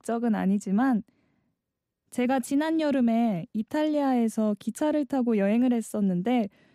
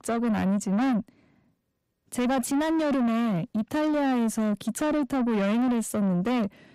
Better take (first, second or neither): first